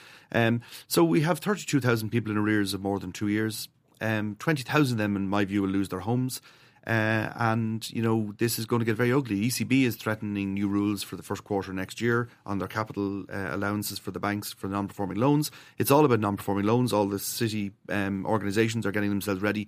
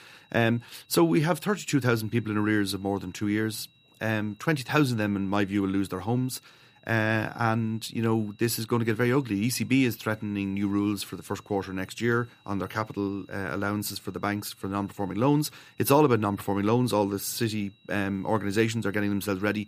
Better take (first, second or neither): first